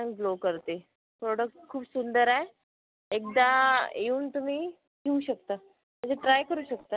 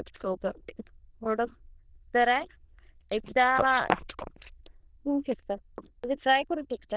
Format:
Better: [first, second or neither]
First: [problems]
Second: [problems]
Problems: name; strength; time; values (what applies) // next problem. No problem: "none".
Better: first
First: none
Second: noise reduction (neural diffusion model UNIVERSE++)